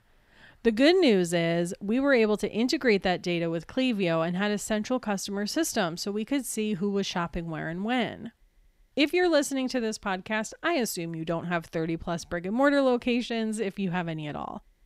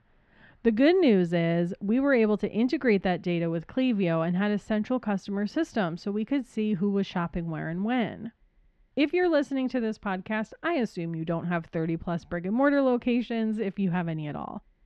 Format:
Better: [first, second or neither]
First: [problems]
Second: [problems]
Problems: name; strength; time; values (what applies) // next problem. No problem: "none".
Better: first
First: none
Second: muffled; slightly; fading above 2.5 kHz